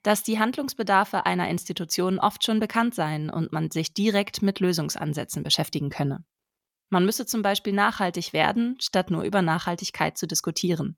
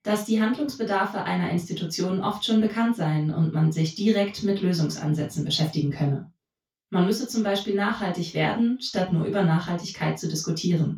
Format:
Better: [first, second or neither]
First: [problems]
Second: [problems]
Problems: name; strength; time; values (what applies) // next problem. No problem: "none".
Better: first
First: none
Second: room echo; noticeable; dies away in 0.2 s // off-mic speech; far